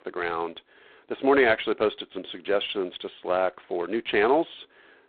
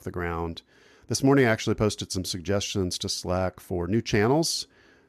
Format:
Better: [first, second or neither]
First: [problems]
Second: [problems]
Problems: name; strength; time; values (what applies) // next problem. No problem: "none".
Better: second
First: phone-call audio; poor line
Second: none